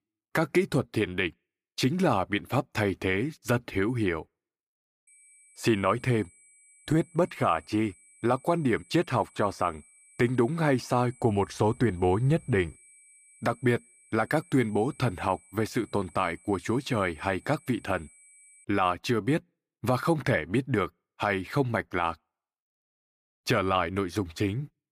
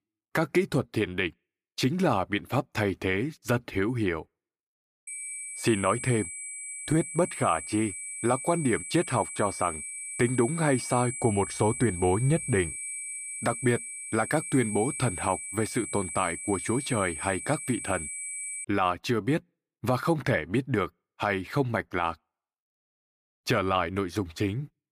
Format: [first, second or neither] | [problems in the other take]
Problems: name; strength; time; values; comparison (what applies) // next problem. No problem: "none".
first | high-pitched whine; loud; from 5 to 19 s; 8 kHz, 6 dB below the speech; faint in the first